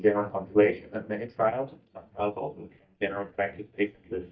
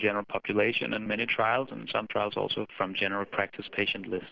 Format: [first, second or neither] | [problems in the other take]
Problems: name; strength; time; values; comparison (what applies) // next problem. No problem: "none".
second | noise reduction (neural mask model DeepFilterNet 3)